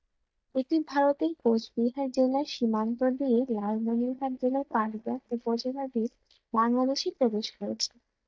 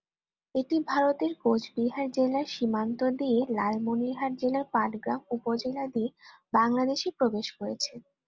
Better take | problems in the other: second | noise reduction (neural mask model DeepFilterNet 3)

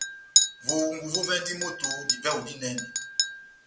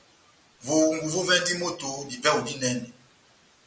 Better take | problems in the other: second | background sound (Chink, clink); 3 dB above the speech

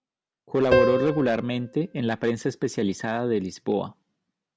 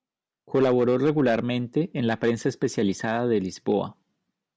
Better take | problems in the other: second | background sound (Piano); 3 dB below the speech

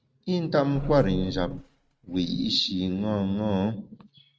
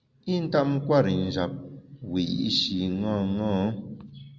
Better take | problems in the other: second | noise reduction (neural mask model RNNoise)

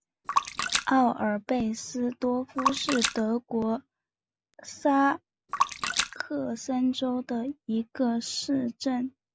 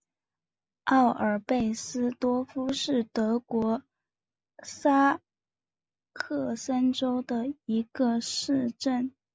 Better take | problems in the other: second | background sound (Splash, splatter); 4 dB below the speech

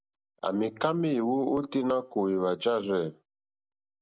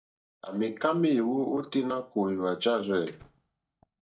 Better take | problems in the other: first | noise reduction (neural mask model DeepFilterNet 3)

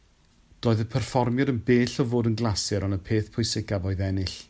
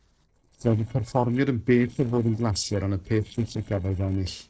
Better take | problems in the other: first | noise reduction (neural separator model SepFormer DNS4)

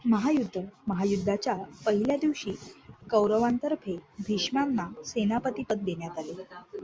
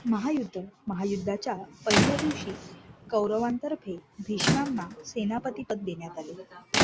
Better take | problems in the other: first | background sound (Squeak / Rattle / Slam); 2 dB below the speech

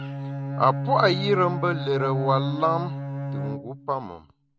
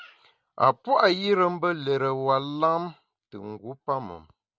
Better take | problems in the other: second | background sound (Bowed string instrument); 4 dB below the speech

